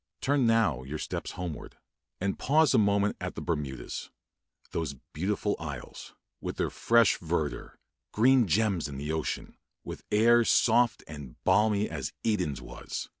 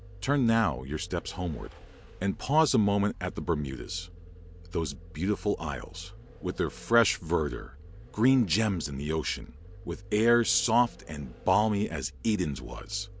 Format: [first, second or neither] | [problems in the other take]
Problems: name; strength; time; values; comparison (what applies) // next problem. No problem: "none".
first | background sound (Vehicle); 18 dB below the speech